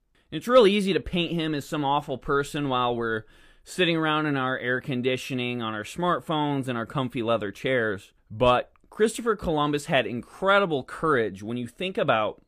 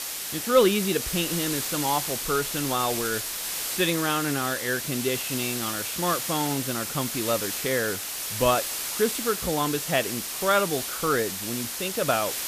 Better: first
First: none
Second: hiss; loud; throughout; 2 dB below the speech

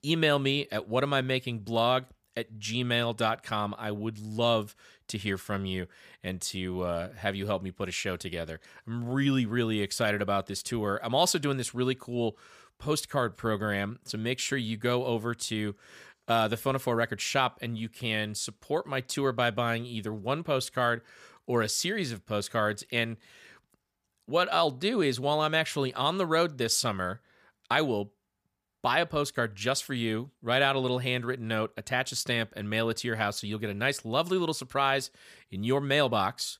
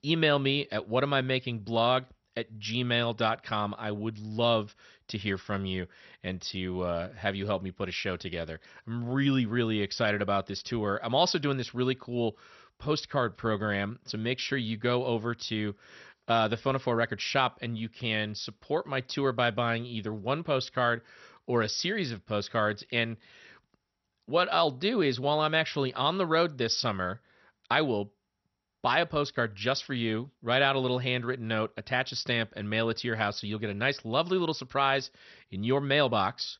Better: first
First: none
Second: garbled, watery; slightly; nothing above 6 kHz

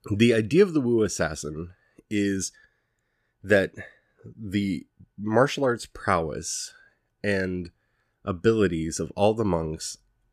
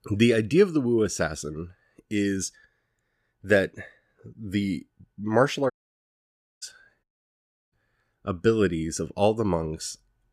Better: first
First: none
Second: audio cutting out; at 5.5 s for 1 s and at 7 s for 0.5 s

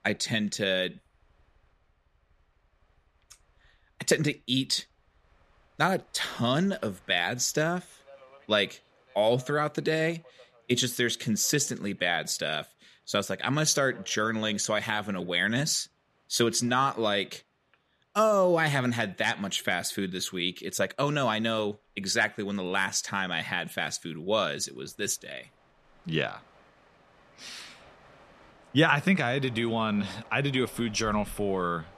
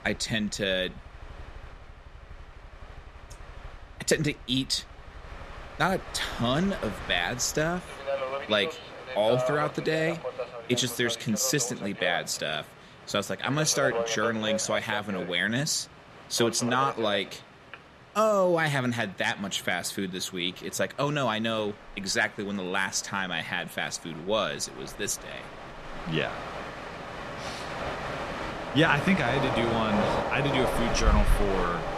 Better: first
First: train or aircraft noise; faint; throughout; 25 dB below the speech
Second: train or aircraft noise; loud; throughout; 6 dB below the speech

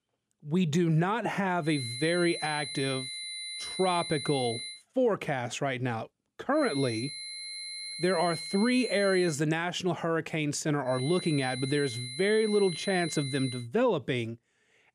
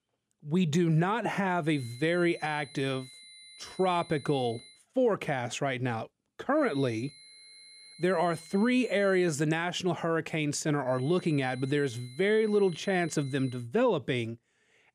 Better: second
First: high-pitched whine; loud; from 1.5 to 4.5 s, from 6.5 to 9.5 s and from 11 to 14 s; 4 kHz, 8 dB below the speech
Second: high-pitched whine; faint; from 1.5 to 4.5 s, from 6.5 to 9.5 s and from 11 to 14 s; 4 kHz, 20 dB below the speech

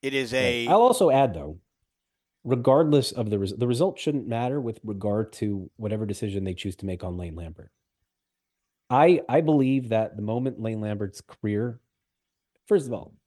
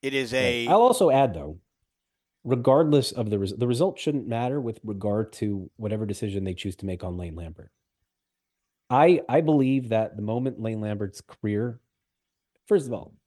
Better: neither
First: none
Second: none

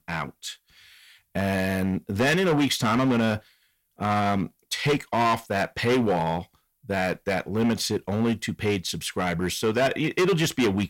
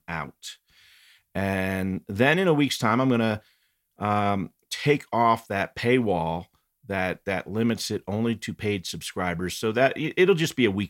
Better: second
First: distortion; heavy; 9% of the sound clipped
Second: none

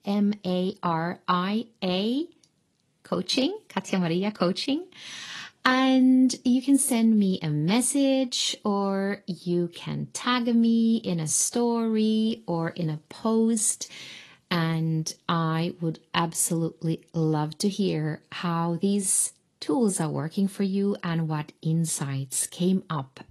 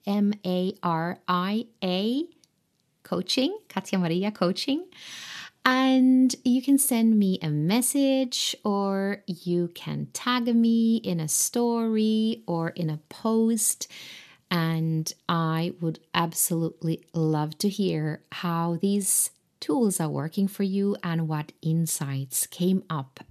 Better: second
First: garbled, watery; slightly; nothing above 11 kHz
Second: none

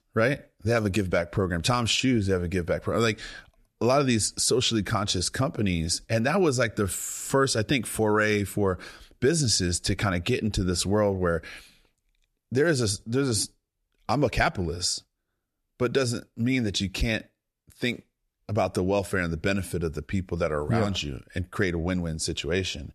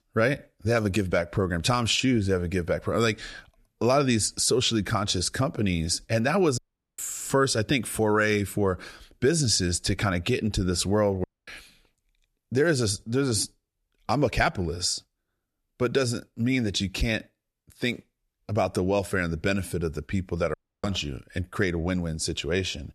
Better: first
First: none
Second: audio cutting out; at 6.5 s, at 11 s and at 21 s

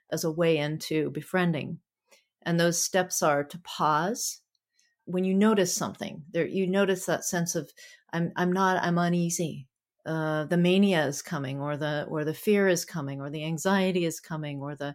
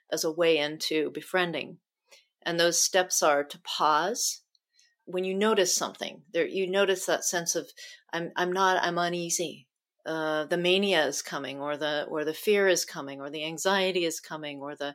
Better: first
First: none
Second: thin; somewhat; fading below 400 Hz

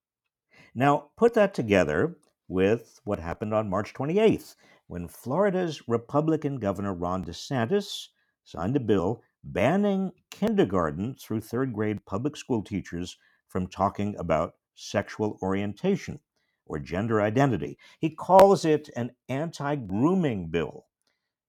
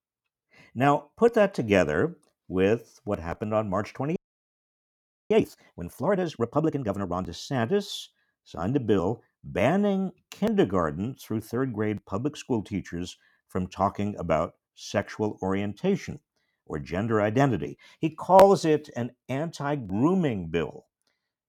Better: first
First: none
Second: audio freezing; at 4 s for 1 s

